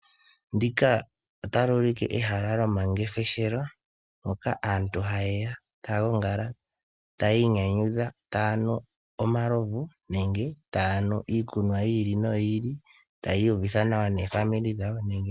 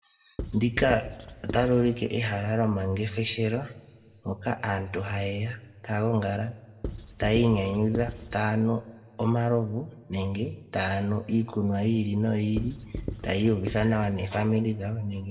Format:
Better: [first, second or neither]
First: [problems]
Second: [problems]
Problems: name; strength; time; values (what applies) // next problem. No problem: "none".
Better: first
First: none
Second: background sound (Writing); 10 dB below the speech // room echo; dies away in 1.1 s